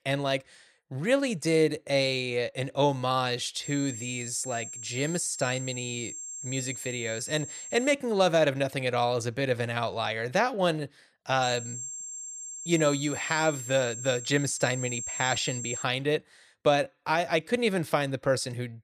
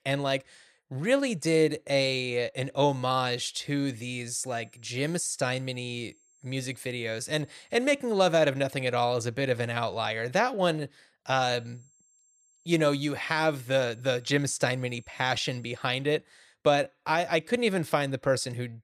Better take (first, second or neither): second